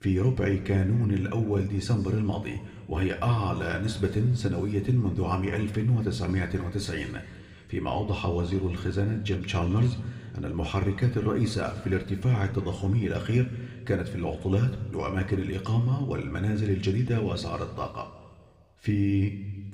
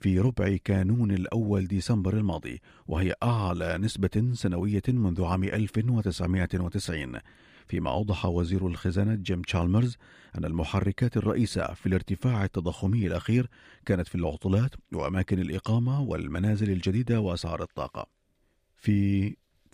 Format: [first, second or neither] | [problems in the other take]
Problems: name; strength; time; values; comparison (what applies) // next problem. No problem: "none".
second | room echo; slight; dies away in 1.6 s